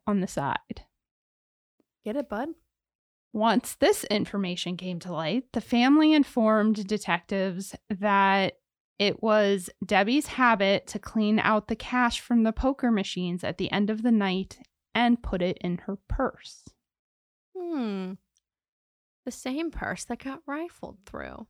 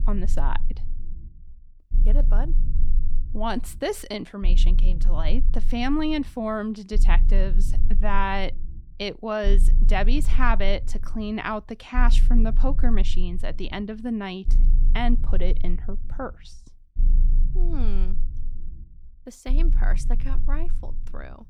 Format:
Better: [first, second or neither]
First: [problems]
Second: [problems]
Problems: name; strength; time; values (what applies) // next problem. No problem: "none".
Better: first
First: none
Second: low rumble; noticeable; throughout; 20 dB below the speech